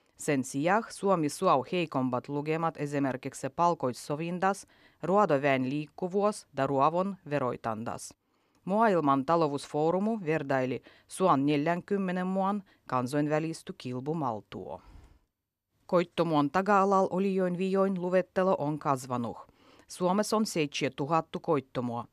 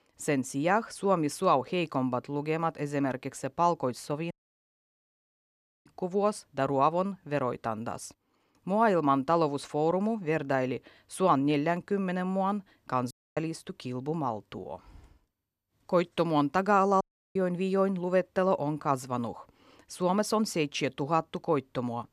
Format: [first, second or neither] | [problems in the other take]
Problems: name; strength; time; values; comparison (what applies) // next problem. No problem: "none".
first | audio cutting out; at 4.5 s for 1.5 s, at 13 s and at 17 s